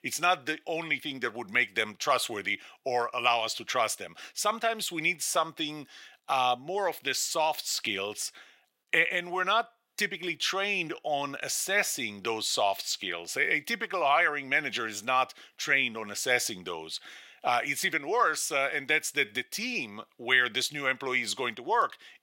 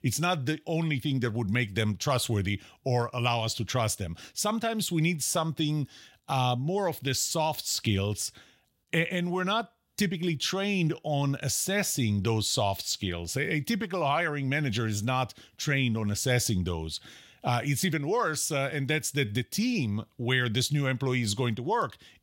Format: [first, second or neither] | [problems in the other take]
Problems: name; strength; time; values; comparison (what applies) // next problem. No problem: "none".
second | thin; very; fading below 450 Hz